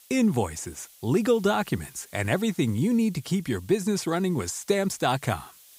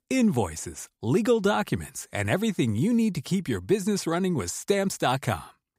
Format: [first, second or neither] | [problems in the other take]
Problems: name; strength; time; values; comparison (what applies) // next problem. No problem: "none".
second | hiss; faint; throughout; 25 dB below the speech